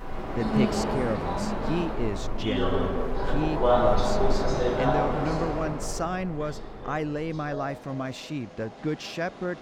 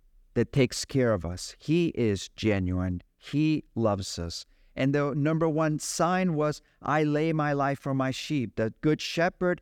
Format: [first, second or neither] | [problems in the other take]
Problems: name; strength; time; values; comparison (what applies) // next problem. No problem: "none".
second | train or aircraft noise; very loud; throughout; 4 dB above the speech